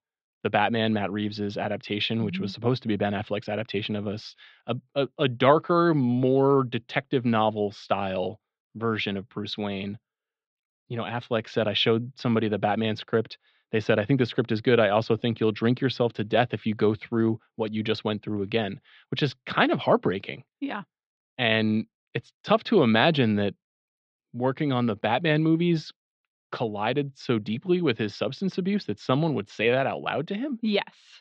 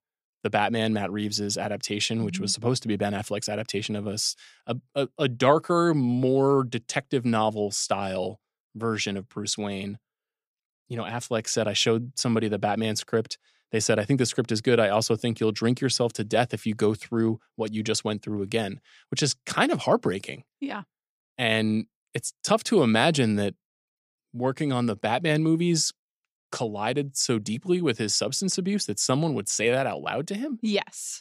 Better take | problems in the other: second | muffled; very; fading above 4 kHz

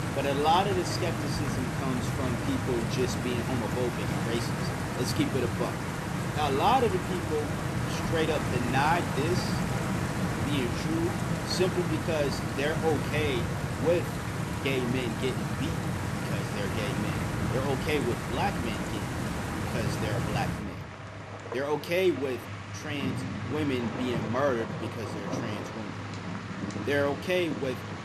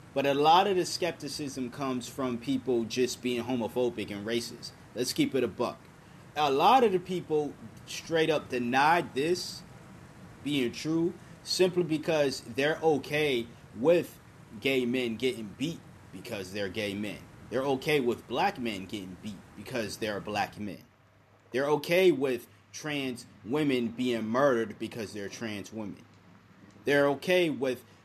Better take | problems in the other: second | rain or running water; loud; throughout; 1 dB below the speech; faint in the second

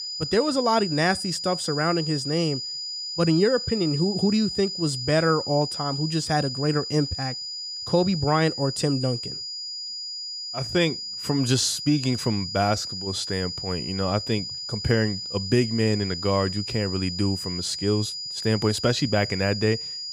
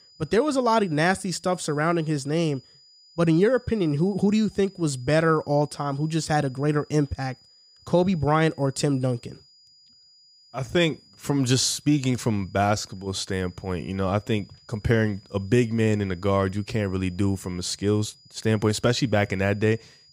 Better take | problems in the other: second | high-pitched whine; loud; throughout; 5 kHz, 5 dB below the speech; faint in the second

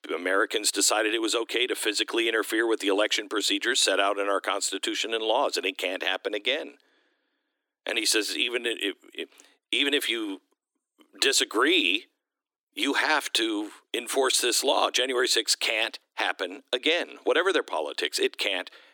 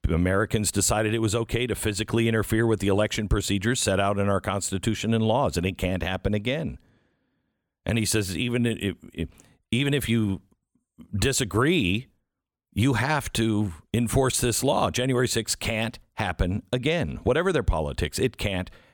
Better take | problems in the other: second | thin; somewhat; fading below 300 Hz

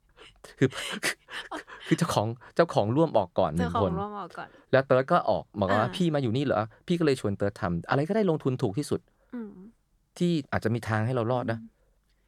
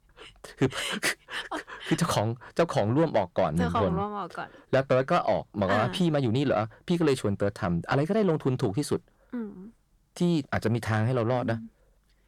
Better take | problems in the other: first | distortion; slight; 10 dB below the speech

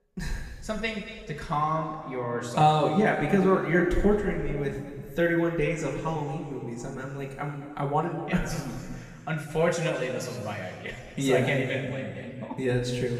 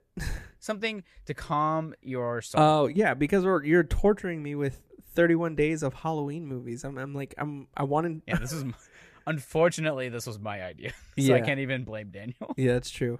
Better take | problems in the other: second | room echo; noticeable; dies away in 2.1 s // off-mic speech; far

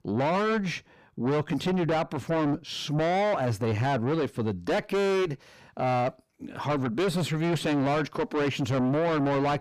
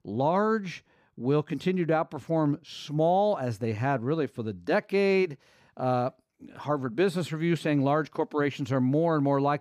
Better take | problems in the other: second | distortion; heavy; 5 dB below the speech

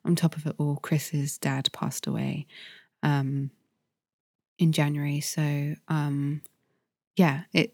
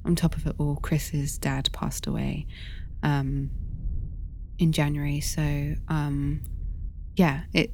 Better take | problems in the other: first | low rumble; faint; throughout; 25 dB below the speech

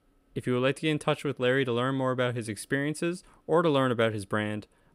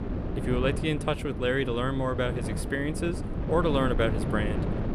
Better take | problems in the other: first | wind noise on the microphone; heavy; 8 dB below the speech

